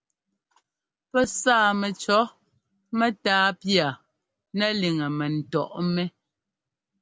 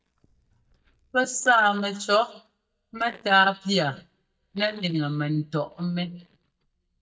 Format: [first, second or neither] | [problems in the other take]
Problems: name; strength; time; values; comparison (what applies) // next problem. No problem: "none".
first | noise reduction (neural mask model DeepFilterNet 3)